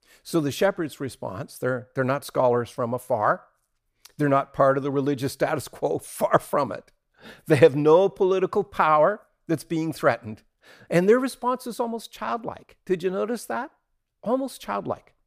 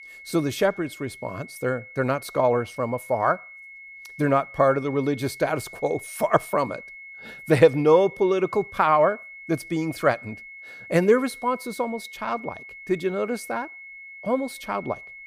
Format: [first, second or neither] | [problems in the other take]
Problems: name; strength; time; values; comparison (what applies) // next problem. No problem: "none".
first | high-pitched whine; noticeable; throughout; 2 kHz, 15 dB below the speech